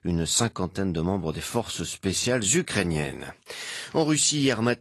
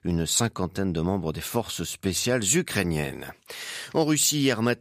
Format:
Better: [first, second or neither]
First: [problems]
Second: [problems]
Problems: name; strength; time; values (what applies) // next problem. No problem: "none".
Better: second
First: garbled, watery; slightly; nothing above 11.5 kHz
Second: none